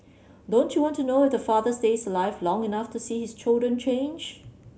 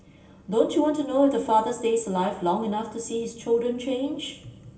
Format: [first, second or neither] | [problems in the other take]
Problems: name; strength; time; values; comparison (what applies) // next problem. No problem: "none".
first | room echo; dies away in 0.8 s